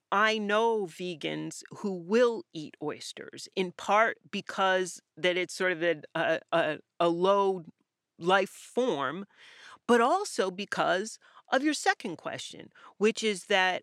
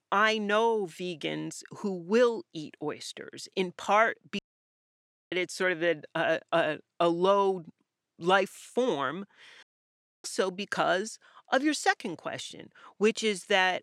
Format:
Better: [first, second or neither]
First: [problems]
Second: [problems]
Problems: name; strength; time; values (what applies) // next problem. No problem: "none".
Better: first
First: none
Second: audio cutting out; at 4.5 s for 1 s and at 9.5 s for 0.5 s